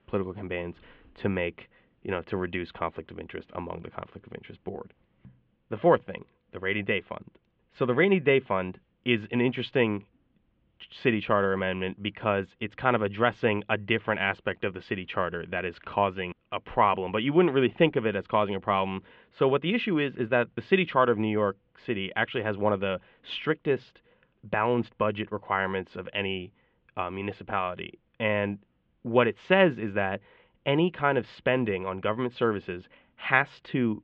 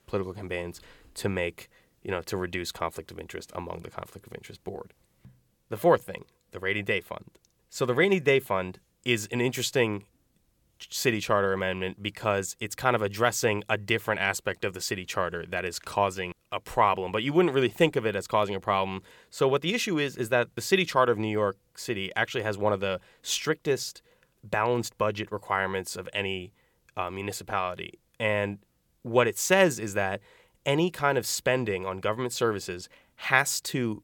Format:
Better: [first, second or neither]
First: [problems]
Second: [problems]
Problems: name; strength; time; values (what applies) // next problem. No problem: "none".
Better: second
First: muffled; very; fading above 3 kHz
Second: none